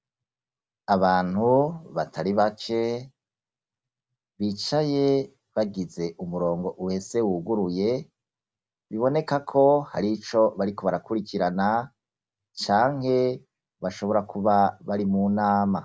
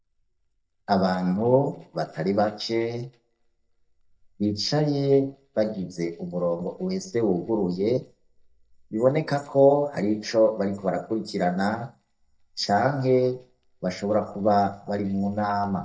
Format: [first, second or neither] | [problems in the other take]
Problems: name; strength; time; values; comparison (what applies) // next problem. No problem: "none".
first | noise reduction (neural mask model DeepFilterNet 3)